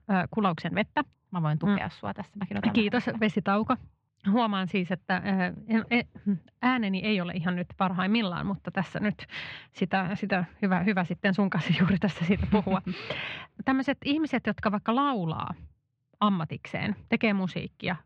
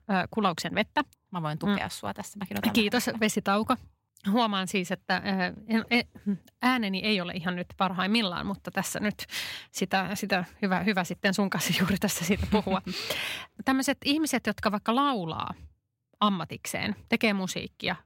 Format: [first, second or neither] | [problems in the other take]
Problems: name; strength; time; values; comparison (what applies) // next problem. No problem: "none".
second | muffled; slightly; fading above 3 kHz